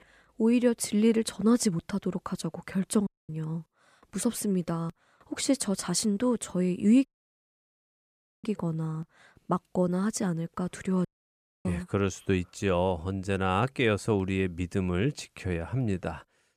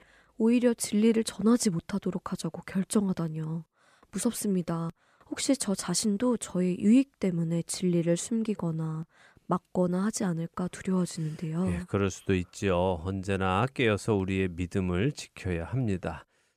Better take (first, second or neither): second